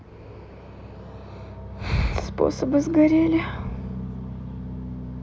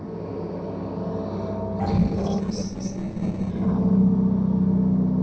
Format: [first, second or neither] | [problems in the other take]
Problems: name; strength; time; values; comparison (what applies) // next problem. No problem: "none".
first | noise reduction (neural separator model SepFormer DNS4)